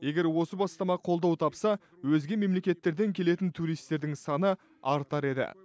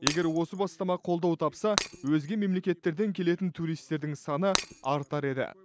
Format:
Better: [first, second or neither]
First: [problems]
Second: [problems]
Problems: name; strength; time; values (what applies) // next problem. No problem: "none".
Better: first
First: none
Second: background sound (Shatter); 5 dB below the speech